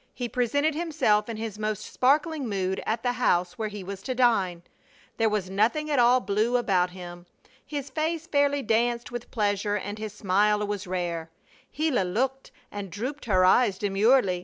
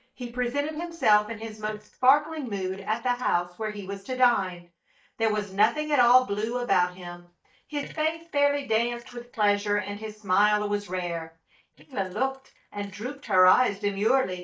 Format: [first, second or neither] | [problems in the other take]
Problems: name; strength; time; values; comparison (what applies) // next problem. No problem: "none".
first | noise reduction (neural mask model DeepFilterNet 3)